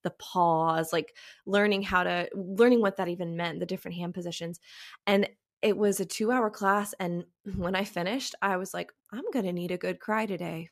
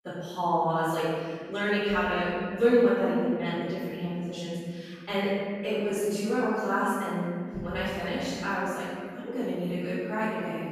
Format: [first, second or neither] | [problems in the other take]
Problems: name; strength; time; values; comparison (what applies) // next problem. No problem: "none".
first | off-mic speech; far // room echo; strong; dies away in 2.3 s